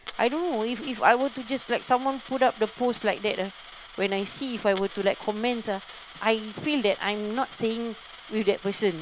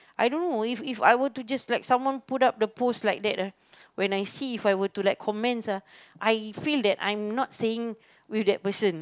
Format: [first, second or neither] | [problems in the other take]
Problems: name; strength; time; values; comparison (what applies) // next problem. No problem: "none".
second | background sound (Coin (dropping)); 18 dB below the speech